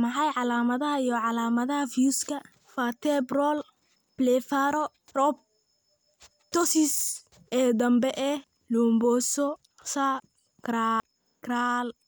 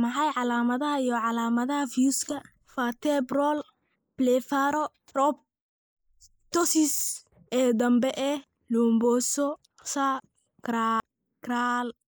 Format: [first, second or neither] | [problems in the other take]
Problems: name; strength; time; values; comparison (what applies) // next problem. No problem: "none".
first | noise reduction (neural mask model Resemble Enhance denoiser)